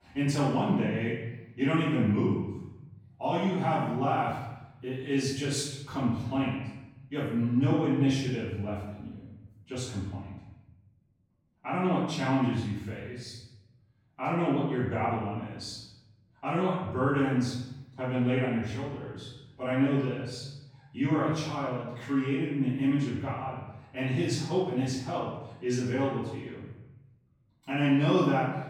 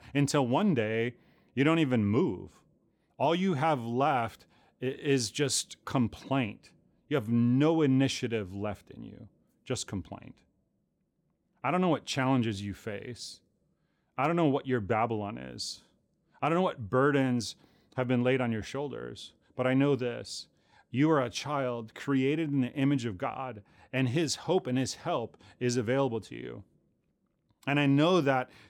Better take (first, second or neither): second